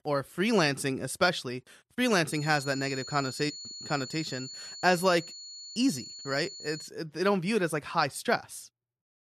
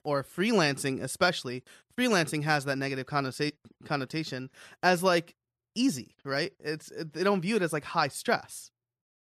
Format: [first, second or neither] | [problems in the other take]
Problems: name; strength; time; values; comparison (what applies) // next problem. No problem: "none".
second | high-pitched whine; noticeable; from 2.5 to 7 s; 4.5 kHz, 10 dB below the speech